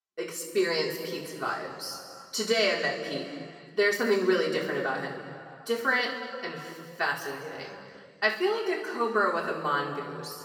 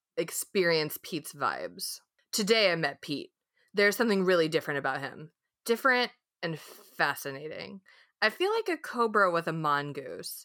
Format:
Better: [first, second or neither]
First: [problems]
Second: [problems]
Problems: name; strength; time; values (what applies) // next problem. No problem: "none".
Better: second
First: room echo; noticeable; dies away in 2.2 s // off-mic speech; far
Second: none